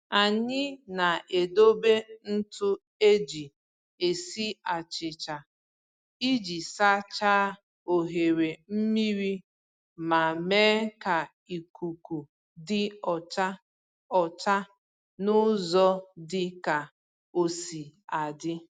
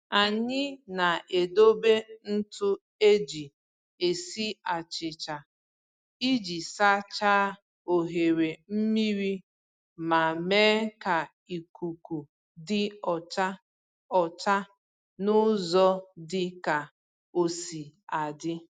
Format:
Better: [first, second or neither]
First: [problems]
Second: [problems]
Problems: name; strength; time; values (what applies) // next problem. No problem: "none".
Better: first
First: none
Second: noise reduction (neural mask model DeepFilterNet 3)